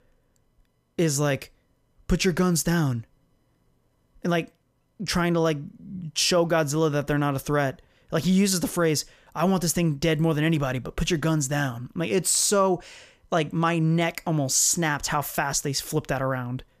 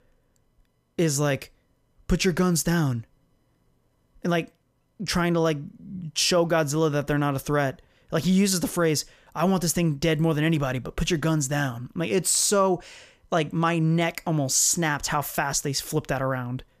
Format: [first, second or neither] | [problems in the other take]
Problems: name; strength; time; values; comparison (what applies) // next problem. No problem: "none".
neither | none